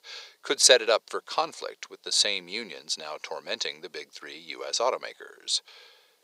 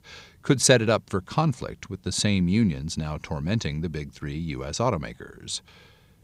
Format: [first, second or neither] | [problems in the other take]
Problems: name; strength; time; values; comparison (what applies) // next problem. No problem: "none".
second | thin; very; fading below 450 Hz